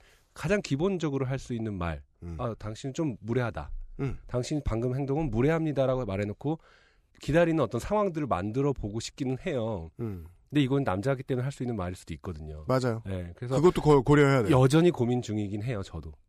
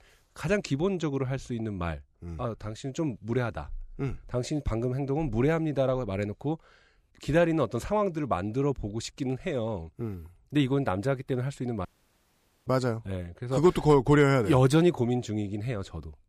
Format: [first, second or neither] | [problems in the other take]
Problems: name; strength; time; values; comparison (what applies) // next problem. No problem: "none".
first | audio cutting out; at 12 s for 1 s